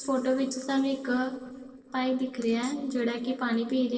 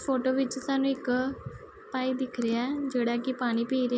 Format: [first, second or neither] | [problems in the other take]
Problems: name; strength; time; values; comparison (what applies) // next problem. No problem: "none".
second | noise reduction (neural separator model SepFormer DNS4)